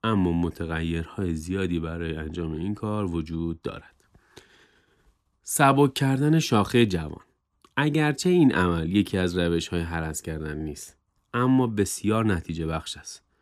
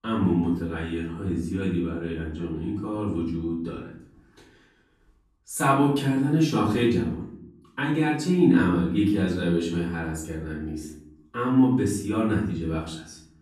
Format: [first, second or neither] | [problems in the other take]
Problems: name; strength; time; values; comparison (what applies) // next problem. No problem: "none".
first | room echo; noticeable; dies away in 0.7 s // off-mic speech; far